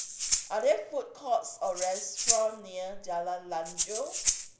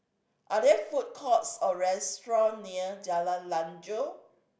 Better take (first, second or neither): second